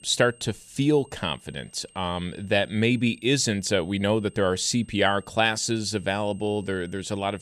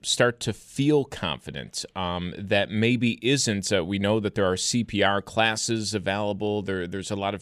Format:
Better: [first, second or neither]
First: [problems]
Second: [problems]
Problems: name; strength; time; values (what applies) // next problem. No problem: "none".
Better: second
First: high-pitched whine; faint; throughout; 8.5 kHz, 30 dB below the speech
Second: none